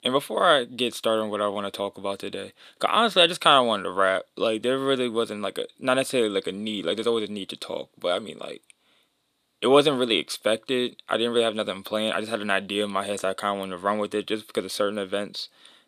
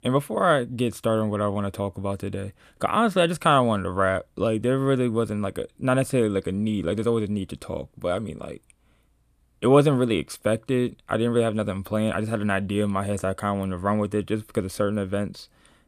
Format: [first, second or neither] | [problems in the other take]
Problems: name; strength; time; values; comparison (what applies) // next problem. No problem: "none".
second | thin; somewhat; fading below 300 Hz